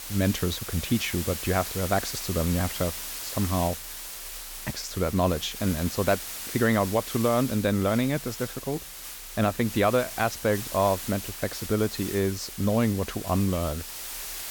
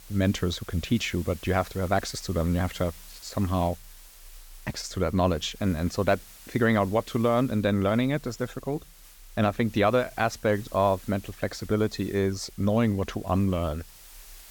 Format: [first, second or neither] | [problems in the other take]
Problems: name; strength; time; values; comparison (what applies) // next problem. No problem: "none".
second | hiss; loud; throughout; 8 dB below the speech; faint in the second